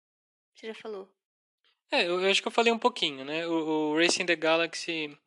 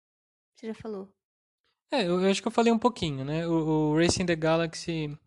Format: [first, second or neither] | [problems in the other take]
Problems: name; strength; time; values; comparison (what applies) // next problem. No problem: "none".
second | thin; somewhat; fading below 300 Hz